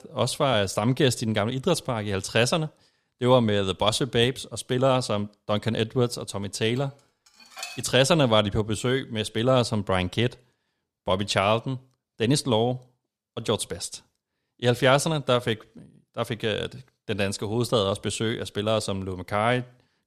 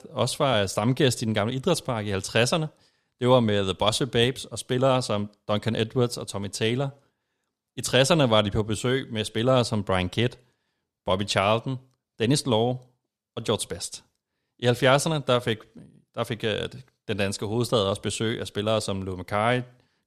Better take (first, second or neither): second